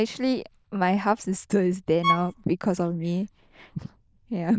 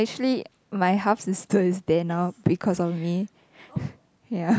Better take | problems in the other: second | noise reduction (neural diffusion model UNIVERSE++)

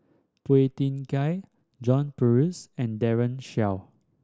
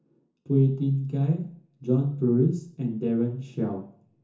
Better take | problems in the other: first | room echo; dies away in 0.6 s

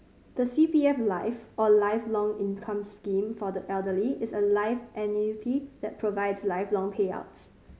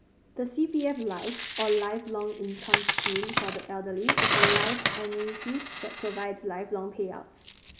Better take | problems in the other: first | background sound (Coin (dropping)); as loud as the speech

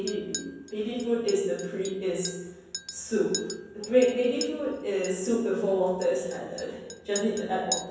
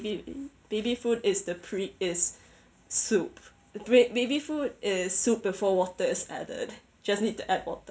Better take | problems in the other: second | background sound (Chink, clink); 12 dB below the speech // room echo; dies away in 1.1 s

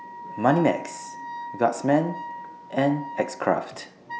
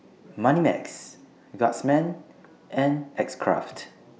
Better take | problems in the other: second | background sound (Wind instrument, woodwind instrument); 12 dB below the speech

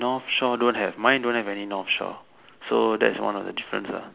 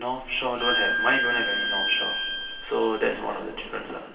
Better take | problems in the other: first | background sound (Bowed string instrument); as loud as the speech // room echo; dies away in 2.9 s

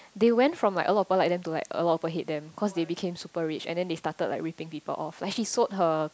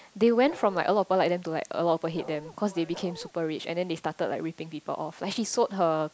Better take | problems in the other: first | background sound (Bark); 16 dB below the speech

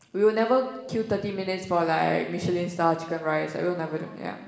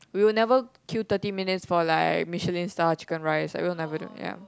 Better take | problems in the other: second | room echo; dies away in 1.2 s

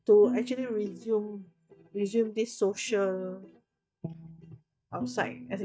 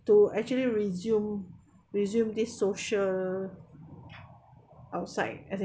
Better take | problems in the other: second | noise reduction (neural mask model DeepFilterNet 3)

